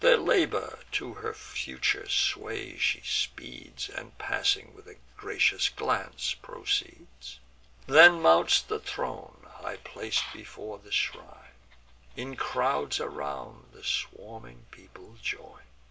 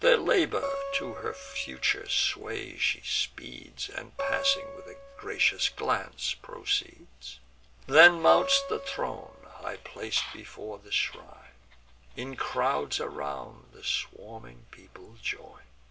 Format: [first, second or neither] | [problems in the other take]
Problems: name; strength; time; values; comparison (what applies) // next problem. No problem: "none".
first | background sound (Acoustic guitar); 9 dB below the speech